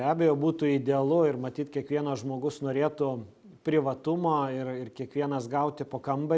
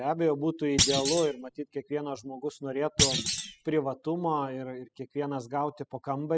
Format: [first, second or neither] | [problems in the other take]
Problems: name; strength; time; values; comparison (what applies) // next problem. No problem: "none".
first | noise reduction (classical method spectral subtraction)